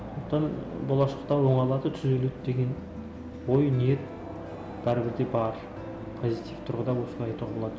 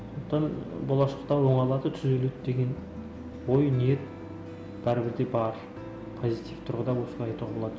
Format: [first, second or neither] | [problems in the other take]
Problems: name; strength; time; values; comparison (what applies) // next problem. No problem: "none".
second | background sound (Crowd); 18 dB below the speech